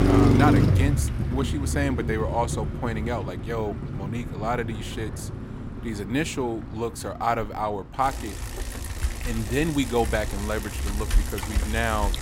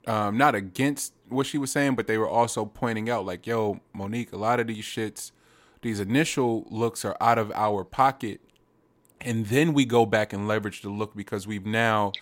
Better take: second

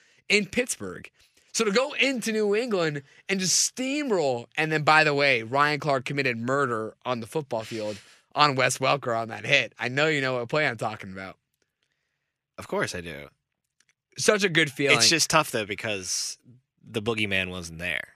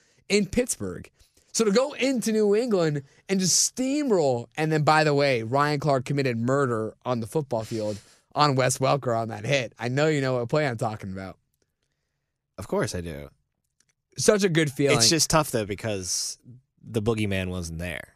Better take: second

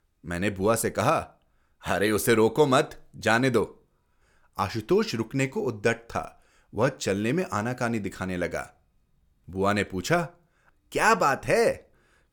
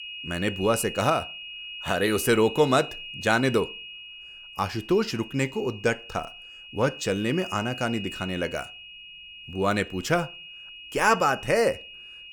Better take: first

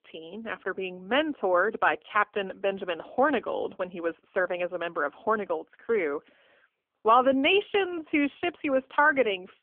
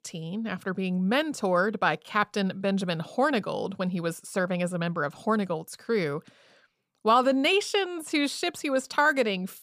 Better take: second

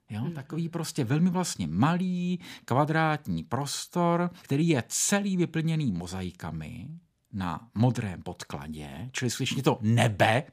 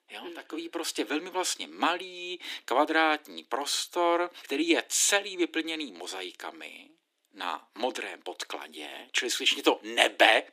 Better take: first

